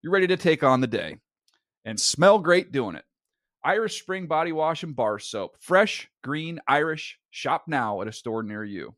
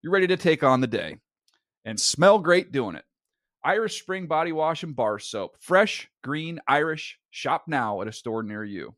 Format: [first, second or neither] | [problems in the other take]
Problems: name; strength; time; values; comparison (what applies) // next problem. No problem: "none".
neither | none